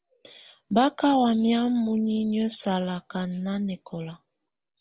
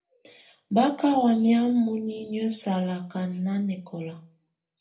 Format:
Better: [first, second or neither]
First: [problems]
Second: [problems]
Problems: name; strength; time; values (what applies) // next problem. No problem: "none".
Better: first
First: none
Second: room echo; dies away in 0.3 s